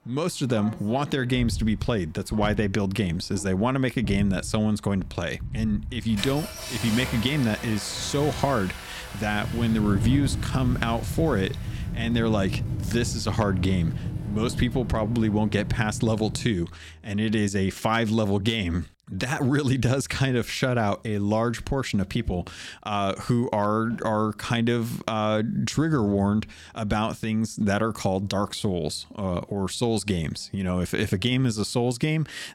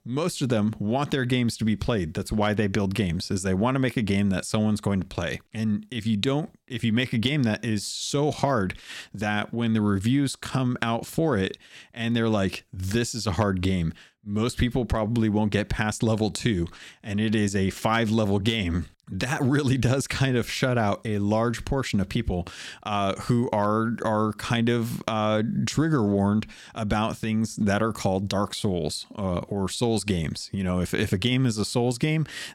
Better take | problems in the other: second | traffic noise; loud; throughout; 8 dB below the speech

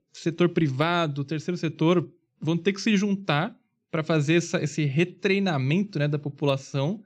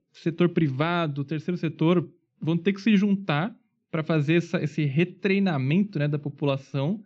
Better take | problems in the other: first | muffled; very slightly; fading above 3 kHz

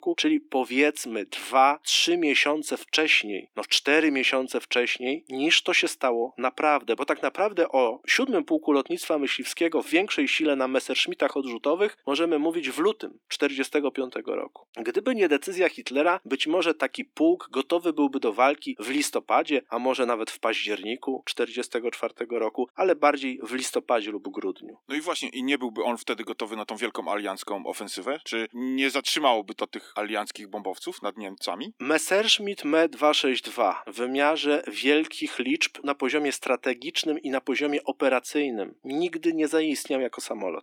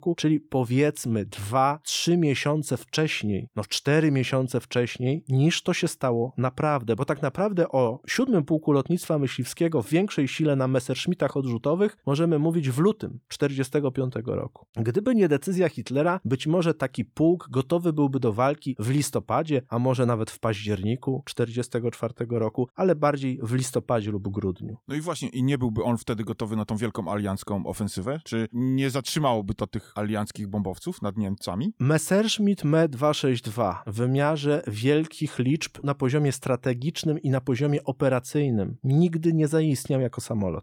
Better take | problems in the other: second | thin; somewhat; fading below 300 Hz

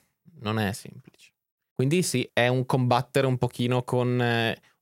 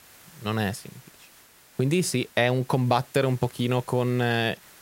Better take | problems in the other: first | hiss; faint; throughout; 25 dB below the speech

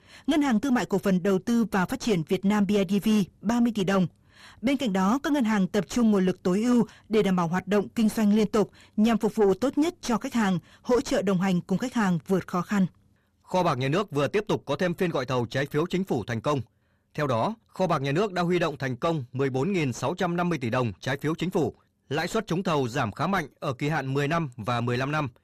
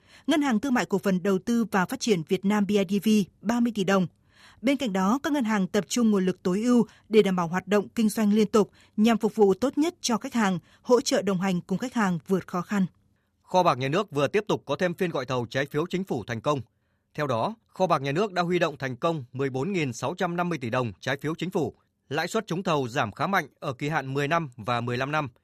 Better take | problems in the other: second | distortion; slight; 10 dB below the speech

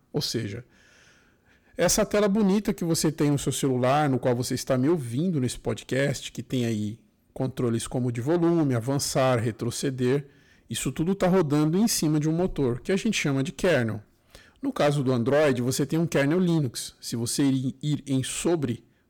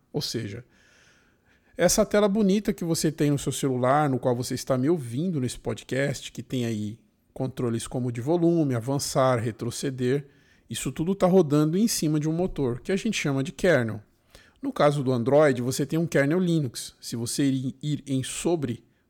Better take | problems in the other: second | distortion; slight; 6% of the sound clipped

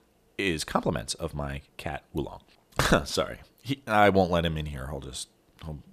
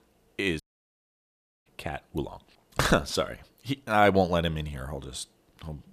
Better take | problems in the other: first | audio cutting out; at 0.5 s for 1 s

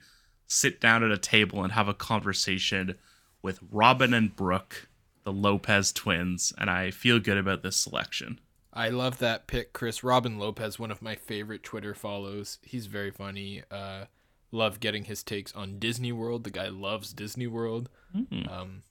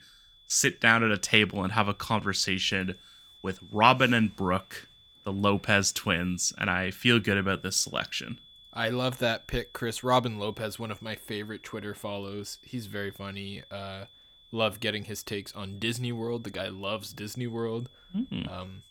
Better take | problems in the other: first | high-pitched whine; faint; throughout; 3.5 kHz, 25 dB below the speech

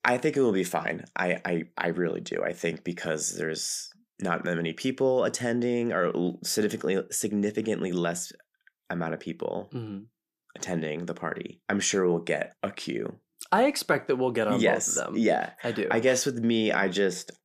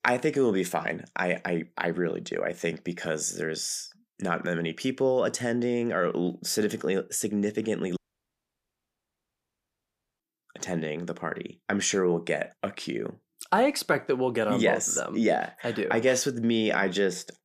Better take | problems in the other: first | audio cutting out; at 8 s for 2 s

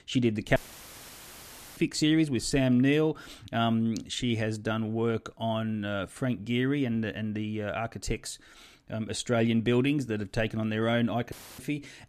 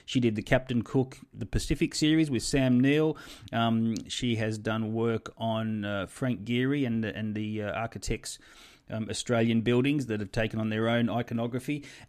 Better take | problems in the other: second | audio cutting out; filled with static; at 0.5 s for 1 s and at 11 s

